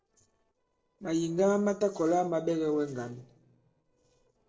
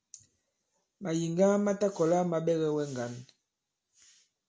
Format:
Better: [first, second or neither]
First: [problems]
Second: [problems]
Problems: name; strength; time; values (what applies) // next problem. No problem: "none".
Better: second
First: noise reduction (neural separator model SepFormer DNS4)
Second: none